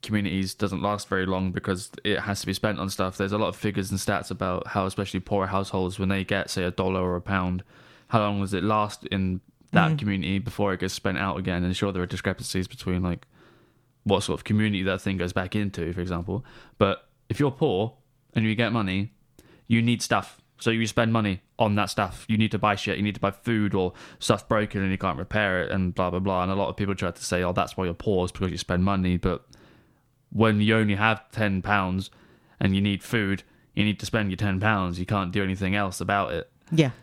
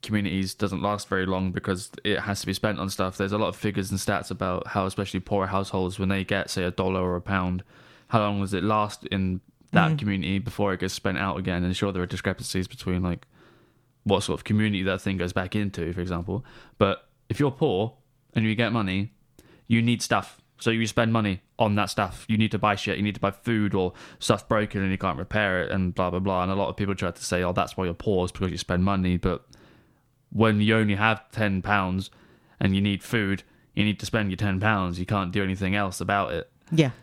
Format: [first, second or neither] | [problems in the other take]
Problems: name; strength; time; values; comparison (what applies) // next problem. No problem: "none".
neither | none